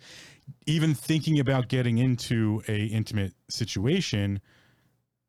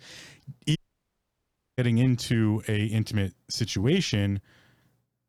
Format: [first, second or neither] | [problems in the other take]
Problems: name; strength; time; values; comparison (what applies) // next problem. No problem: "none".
first | audio cutting out; at 1 s for 1 s